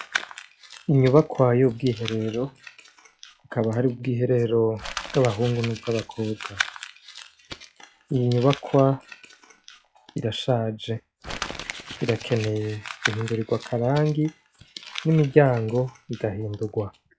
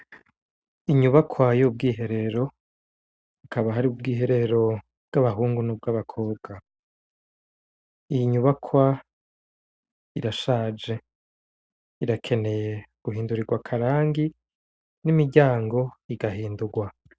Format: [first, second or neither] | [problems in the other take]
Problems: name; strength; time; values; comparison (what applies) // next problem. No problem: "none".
second | noise reduction (classical method log-MMSE)